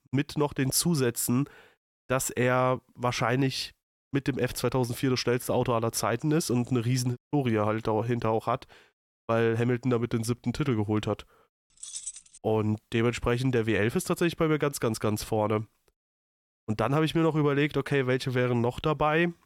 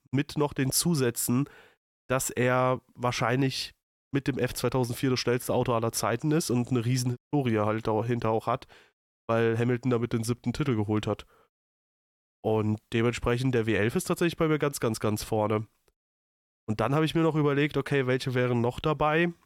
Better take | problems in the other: second | jangling keys; noticeable; at 12 s; peak 9 dB below the speech

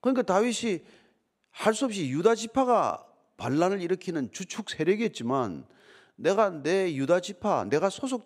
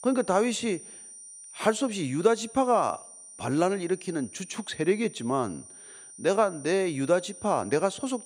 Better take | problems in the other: first | high-pitched whine; noticeable; throughout; 9 kHz, 15 dB below the speech

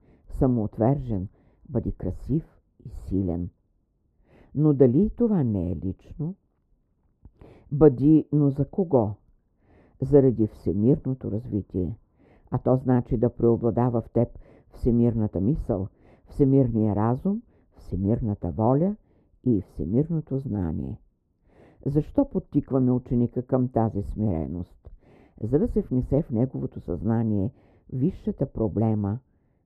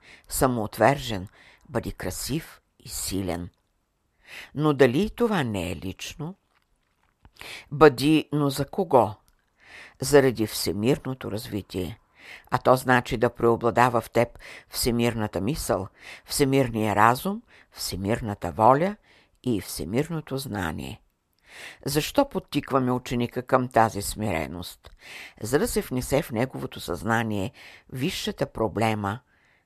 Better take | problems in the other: second | muffled; very; fading above 1 kHz

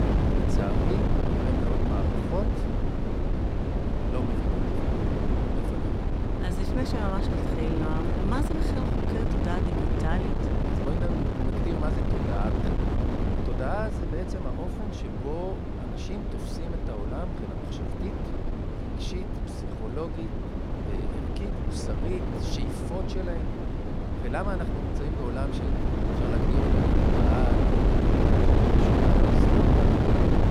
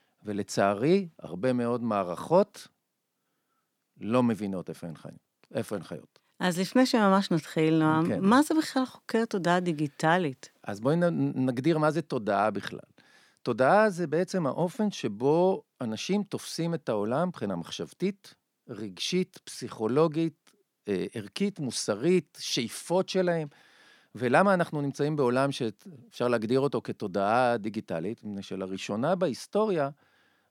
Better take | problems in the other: second | wind noise on the microphone; heavy; 5 dB above the speech

